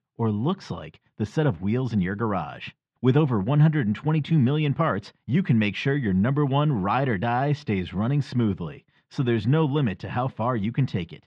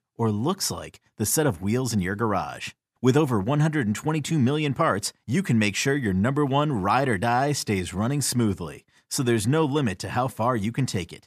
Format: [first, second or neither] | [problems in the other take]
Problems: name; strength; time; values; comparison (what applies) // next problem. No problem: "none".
second | muffled; very; fading above 3.5 kHz